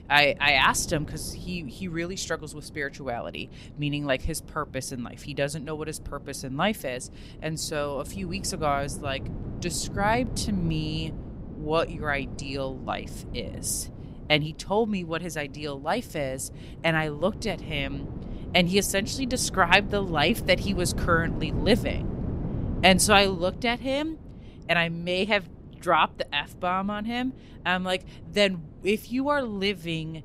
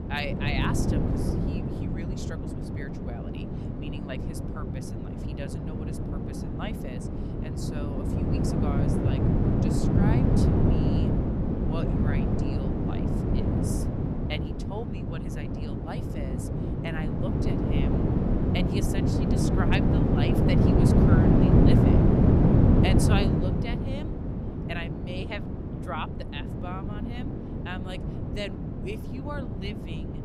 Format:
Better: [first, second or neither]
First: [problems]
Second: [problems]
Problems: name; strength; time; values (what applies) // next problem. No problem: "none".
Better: first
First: wind noise on the microphone; occasional gusts; 20 dB below the speech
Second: wind noise on the microphone; heavy; 5 dB above the speech